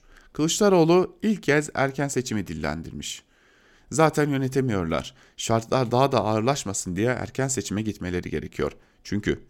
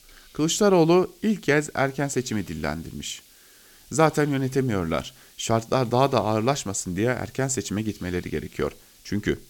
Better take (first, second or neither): first